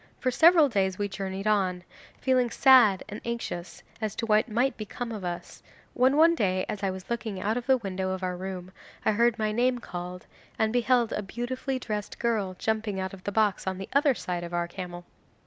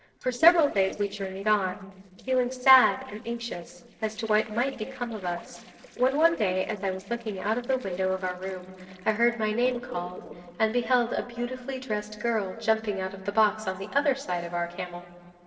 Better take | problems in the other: first | noise reduction (neural separator model SepFormer DNS4)

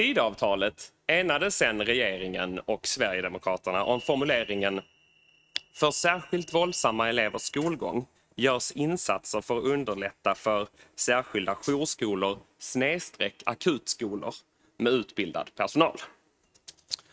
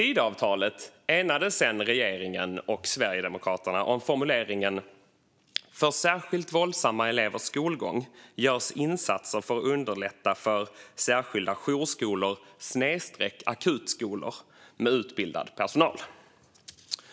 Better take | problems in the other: second | noise reduction (neural mask model RNNoise)

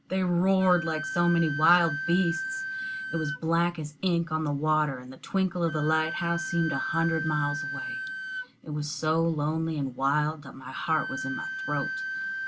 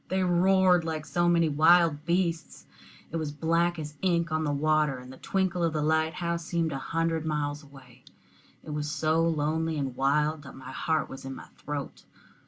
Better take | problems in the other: second | background sound (Wind instrument, woodwind instrument); 8 dB below the speech

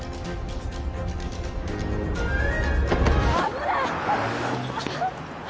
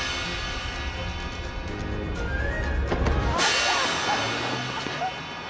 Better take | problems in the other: first | background sound (Crash cymbal); 3 dB below the speech

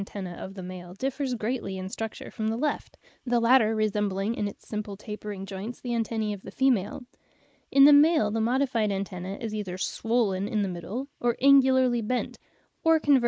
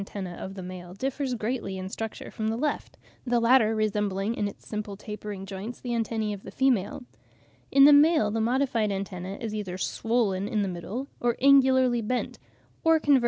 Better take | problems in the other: second | noise reduction (neural mask model Resemble Enhance denoiser)

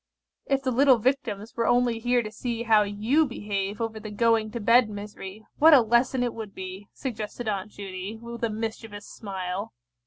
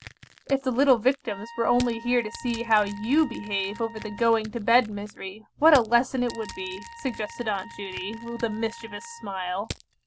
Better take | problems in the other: first | background sound (Crushing + Trumpet); 17 dB below the speech

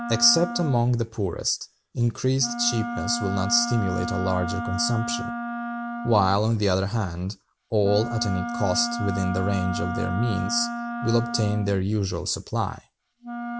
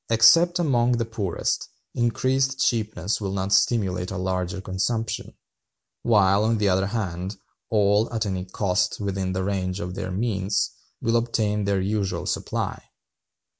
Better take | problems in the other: second | background sound (Wind instrument, woodwind instrument); 7 dB below the speech

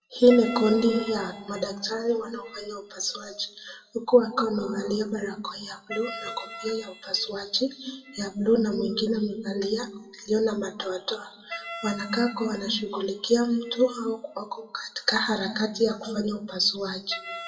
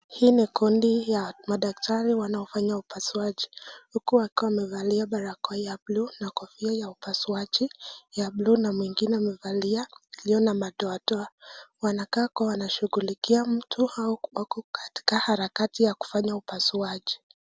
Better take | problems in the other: second | noise reduction (classical method WPE with log-MMSE)

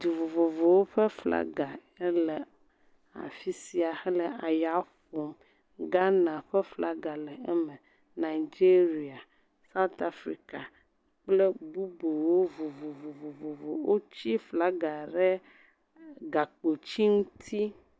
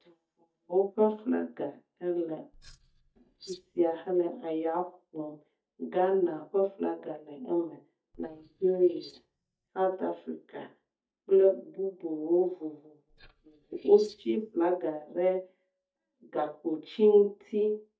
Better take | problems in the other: first | noise reduction (neural mask model DeepFilterNet 3)

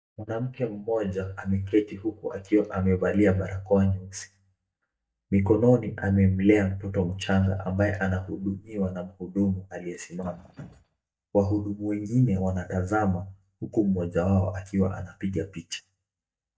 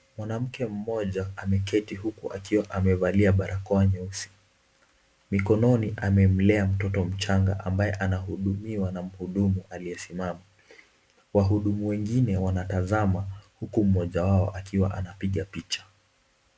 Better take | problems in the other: second | noise reduction (neural mask model DeepFilterNet 3)

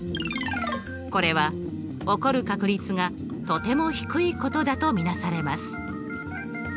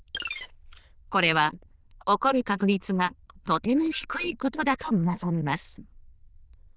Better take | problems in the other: first | noise reduction (neural diffusion model UNIVERSE++)

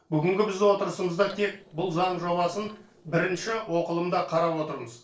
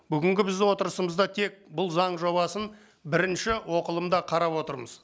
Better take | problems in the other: second | noise reduction (neural separator model SepFormer DNS4)

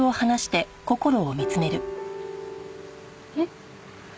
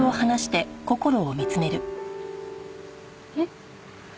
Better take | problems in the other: first | background sound (Drum); 12 dB below the speech

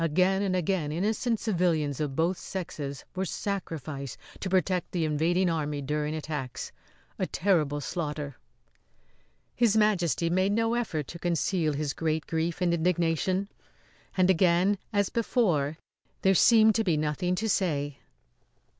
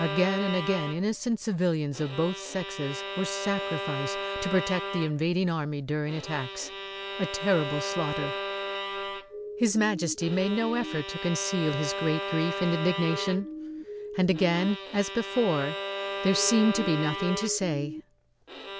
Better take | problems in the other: first | background sound (Bowed string instrument + Siren); 6 dB below the speech

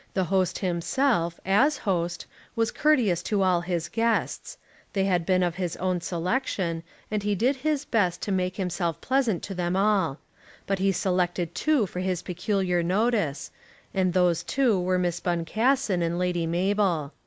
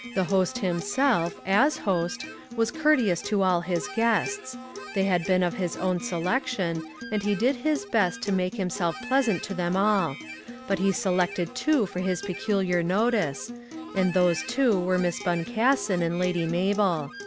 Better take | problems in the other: first | background sound (Acoustic guitar + Harmonica); 13 dB below the speech

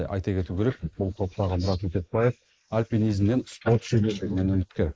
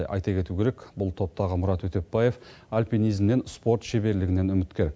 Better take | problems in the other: second | noise reduction (neural mask model Resemble Enhance denoiser)

